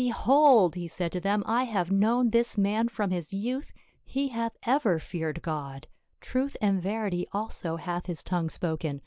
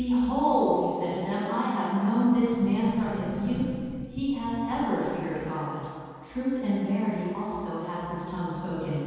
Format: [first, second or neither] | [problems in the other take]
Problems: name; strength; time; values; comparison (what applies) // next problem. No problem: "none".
first | background sound (Sliding door); 14 dB below the speech // room echo; dies away in 2.1 s